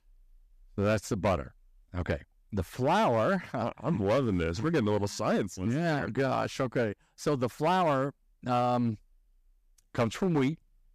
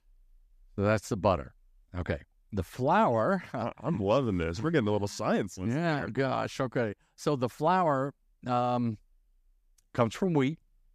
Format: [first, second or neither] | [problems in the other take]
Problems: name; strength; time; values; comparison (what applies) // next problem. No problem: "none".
second | distortion; slight; 5% of the sound clipped